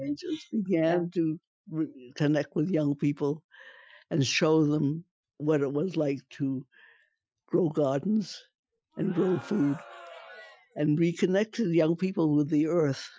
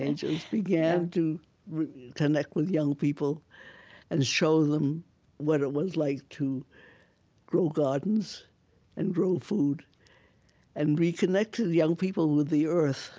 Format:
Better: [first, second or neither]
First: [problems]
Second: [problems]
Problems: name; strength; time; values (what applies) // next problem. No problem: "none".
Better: second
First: noise reduction (classical method Wiener filter)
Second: none